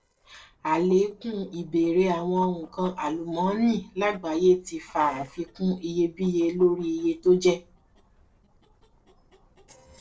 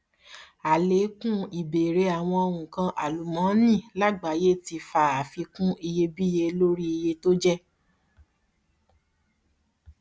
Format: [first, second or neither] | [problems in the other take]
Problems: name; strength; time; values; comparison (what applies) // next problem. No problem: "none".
second | noise reduction (neural separator model SepFormer DNS4)